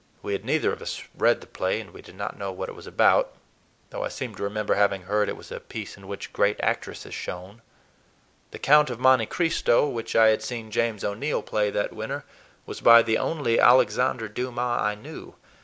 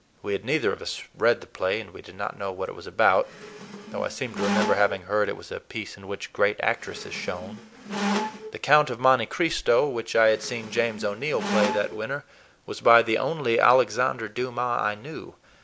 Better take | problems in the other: first | background sound (Squeak); 6 dB below the speech

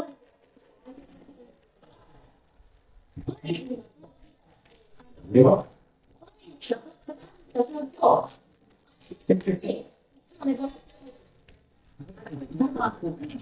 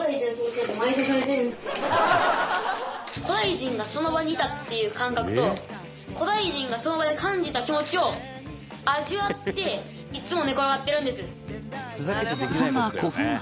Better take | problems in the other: second | noise reduction (neural mask model DeepFilterNet 3)

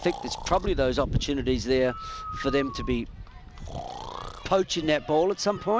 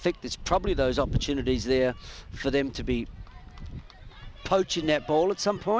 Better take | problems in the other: second | background sound (Breathing); 15 dB below the speech

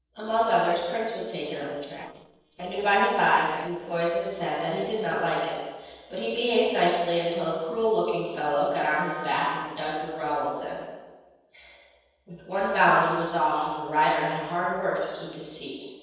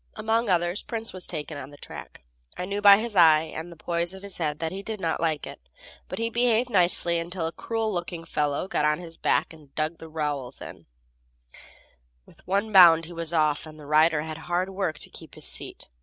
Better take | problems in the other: second | noise reduction (neural separator model SepFormer DNS4)

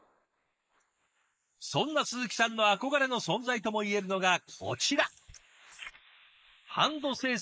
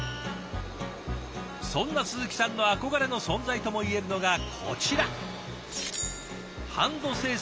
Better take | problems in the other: second | noise reduction (neural mask model Resemble Enhance denoiser)

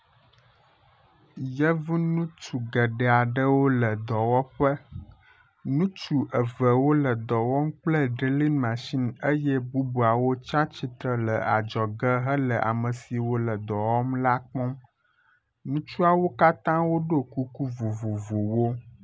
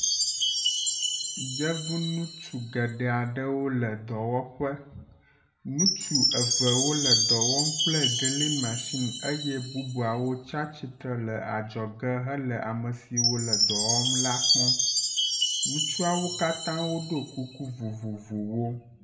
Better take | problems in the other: first | background sound (Chime); 1 dB above the speech // room echo; dies away in 0.5 s

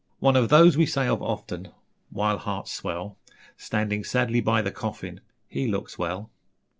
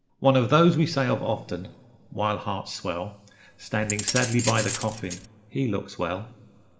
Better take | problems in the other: first | background sound (Keys jangling); 5 dB below the speech // room echo; dies away in 3 s

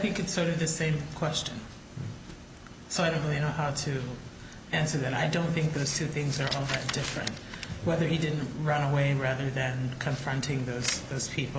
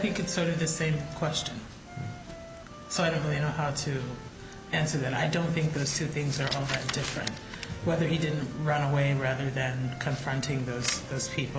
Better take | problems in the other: first | background sound (Wind instrument, woodwind instrument); 18 dB below the speech

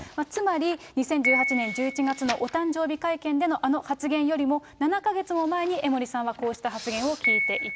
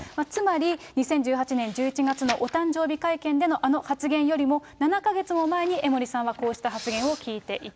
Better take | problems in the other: second | background sound (Piano); 7 dB below the speech

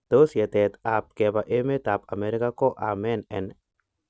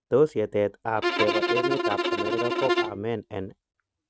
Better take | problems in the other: first | noise reduction (neural mask model RNNoise)

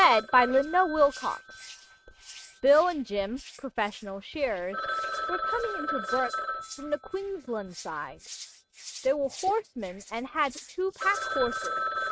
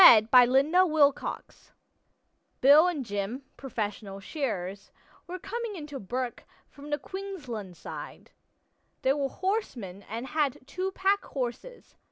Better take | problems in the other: second | noise reduction (neural mask model RNNoise)

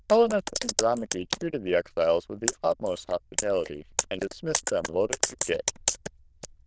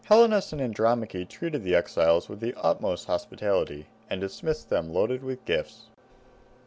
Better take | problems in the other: second | noise reduction (neural diffusion model UNIVERSE++)

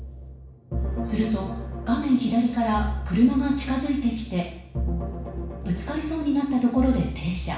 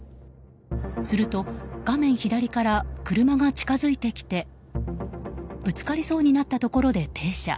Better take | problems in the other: second | room echo; dies away in 0.7 s

